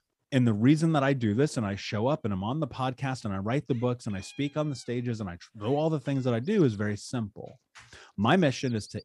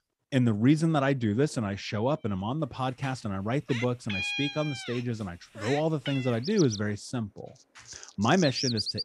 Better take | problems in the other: first | animal sounds; loud; from 2.5 s on; 7 dB below the speech; faint in the first

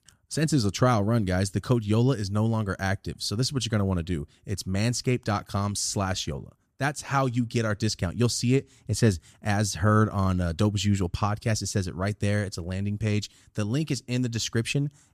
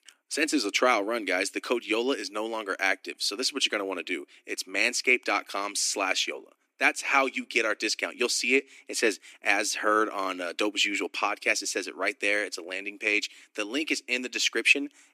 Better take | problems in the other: first | thin; very; fading below 300 Hz

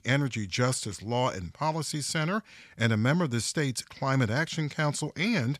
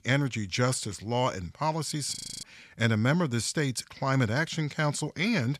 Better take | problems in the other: first | audio freezing; at 2 s

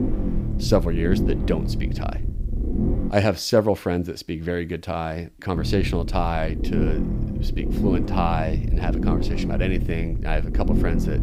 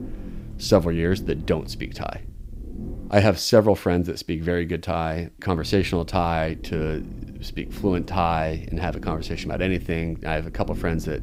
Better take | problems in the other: second | low rumble; loud; until 3 s and from 5.5 s on; 7 dB below the speech; faint in the second

